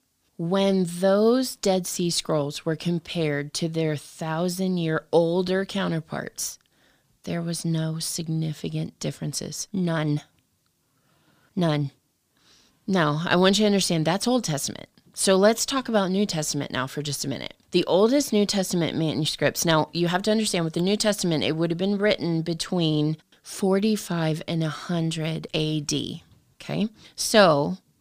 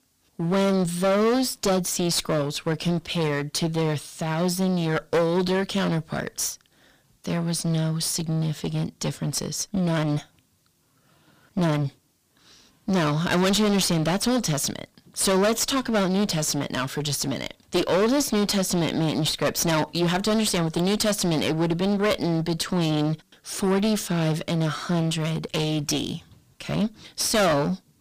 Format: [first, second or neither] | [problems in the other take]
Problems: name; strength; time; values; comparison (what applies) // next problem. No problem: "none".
first | distortion; heavy; 17% of the sound clipped